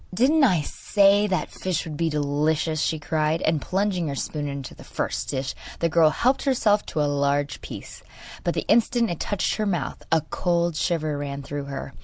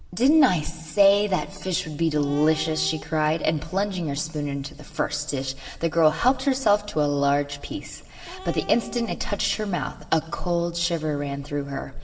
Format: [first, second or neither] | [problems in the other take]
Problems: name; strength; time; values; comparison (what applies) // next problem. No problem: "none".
first | background sound (Cat); 17 dB below the speech // room echo; dies away in 1.8 s